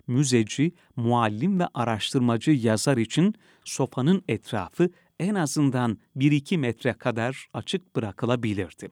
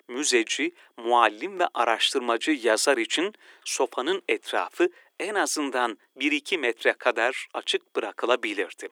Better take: first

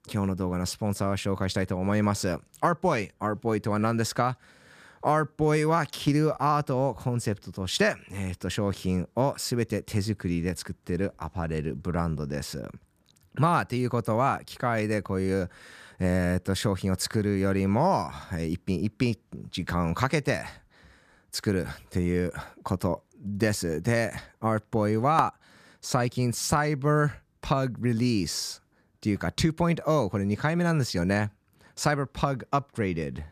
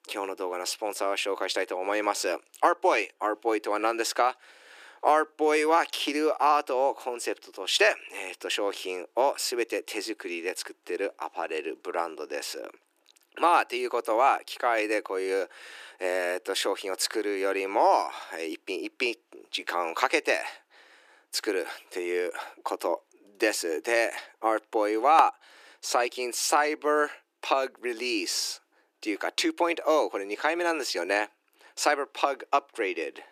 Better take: first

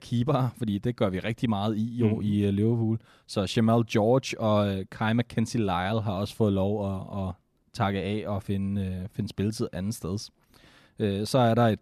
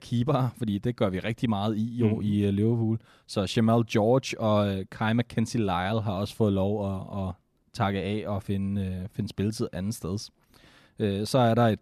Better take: neither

